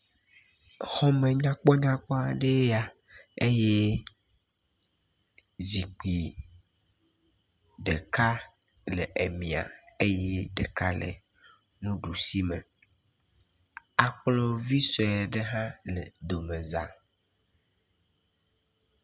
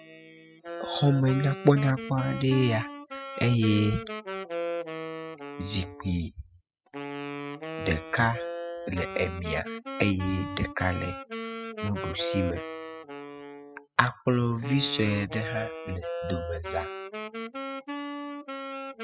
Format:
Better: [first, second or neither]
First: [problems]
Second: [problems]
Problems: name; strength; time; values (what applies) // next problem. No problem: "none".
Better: first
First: none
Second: noise reduction (classical method spectral subtraction)